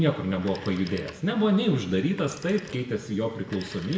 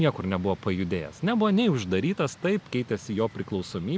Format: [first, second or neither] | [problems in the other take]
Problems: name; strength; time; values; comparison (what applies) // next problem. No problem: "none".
second | background sound (Telephone); 20 dB below the speech // room echo; dies away in 0.7 s